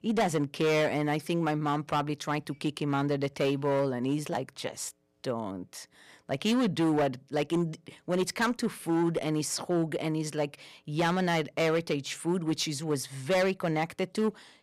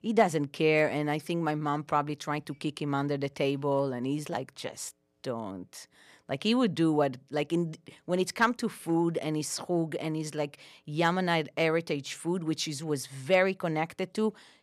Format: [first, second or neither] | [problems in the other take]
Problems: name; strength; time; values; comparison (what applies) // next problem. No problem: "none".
second | distortion; slight; 8% of the sound clipped